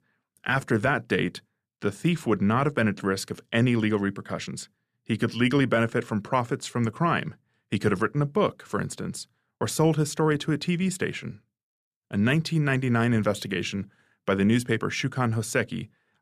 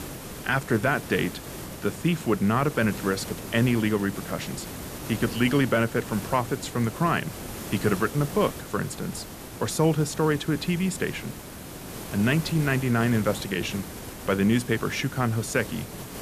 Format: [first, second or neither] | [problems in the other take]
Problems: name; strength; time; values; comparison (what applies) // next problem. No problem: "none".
first | hiss; noticeable; throughout; 10 dB below the speech